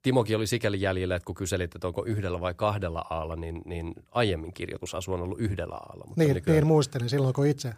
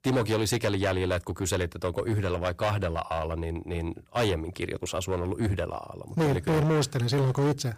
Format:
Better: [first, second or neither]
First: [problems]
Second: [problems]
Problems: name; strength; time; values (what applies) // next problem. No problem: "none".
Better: first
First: none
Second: distortion; heavy; 13% of the sound clipped